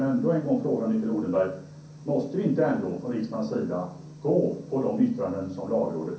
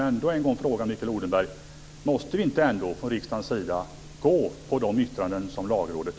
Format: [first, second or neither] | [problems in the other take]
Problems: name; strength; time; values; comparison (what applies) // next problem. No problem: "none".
second | room echo; dies away in 0.6 s